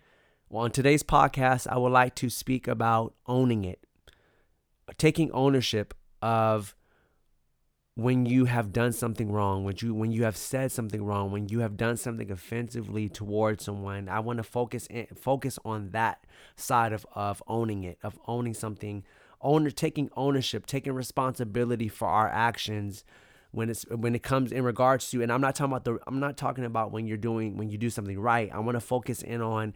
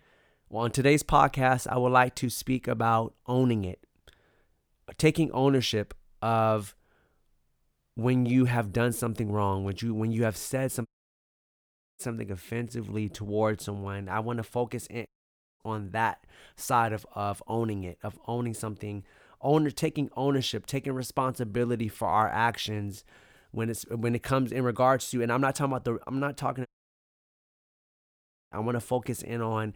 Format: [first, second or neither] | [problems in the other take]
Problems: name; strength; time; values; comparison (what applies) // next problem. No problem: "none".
first | audio cutting out; at 11 s for 1 s, at 15 s for 0.5 s and at 27 s for 2 s